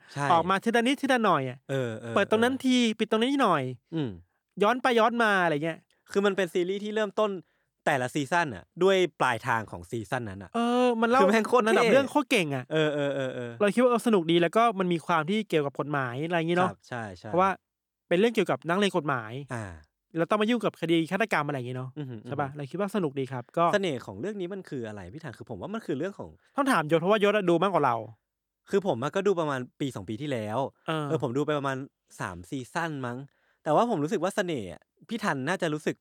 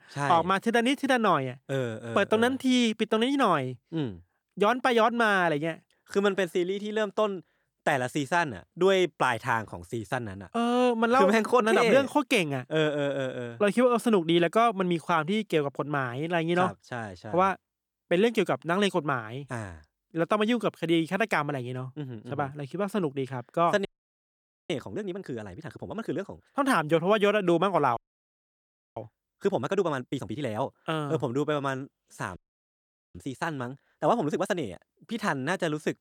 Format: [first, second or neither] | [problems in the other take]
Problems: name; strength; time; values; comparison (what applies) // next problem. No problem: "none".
first | audio freezing; at 24 s for 1 s, at 28 s for 1 s and at 32 s for 1 s